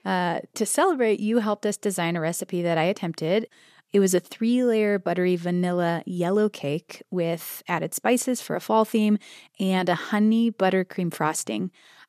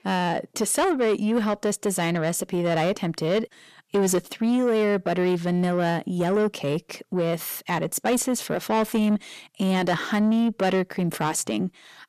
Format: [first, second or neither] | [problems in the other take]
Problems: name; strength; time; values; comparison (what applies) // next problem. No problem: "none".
first | distortion; slight; 10 dB below the speech